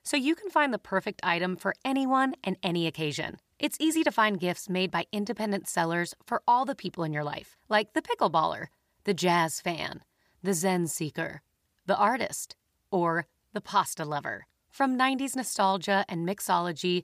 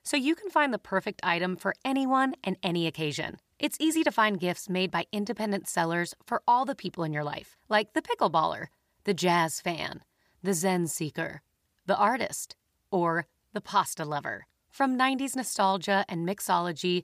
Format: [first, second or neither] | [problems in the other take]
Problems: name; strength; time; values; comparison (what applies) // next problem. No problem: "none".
neither | none